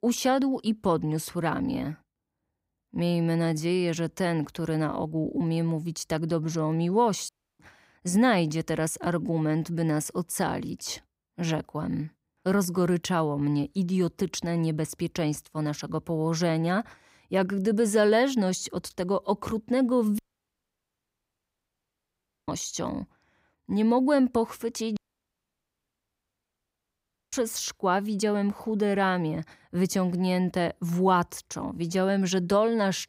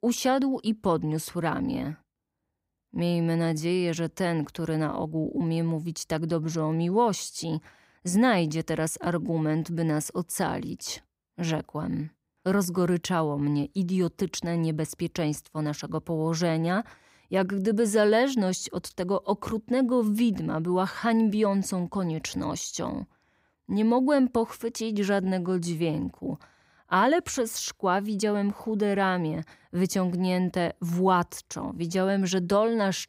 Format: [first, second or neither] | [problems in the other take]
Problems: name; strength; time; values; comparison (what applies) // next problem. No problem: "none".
second | audio cutting out; at 7.5 s, at 20 s for 2.5 s and at 25 s for 2.5 s